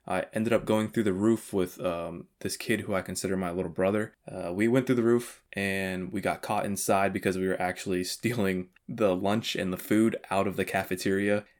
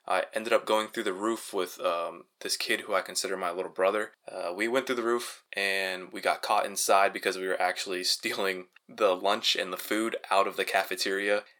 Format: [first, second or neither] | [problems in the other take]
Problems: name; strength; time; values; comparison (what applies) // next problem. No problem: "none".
first | thin; very; fading below 550 Hz